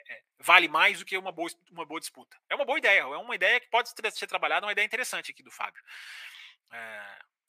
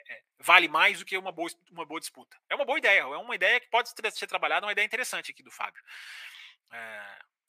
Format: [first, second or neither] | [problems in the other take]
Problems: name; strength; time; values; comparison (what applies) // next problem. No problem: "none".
neither | thin; very; fading below 700 Hz; the same in both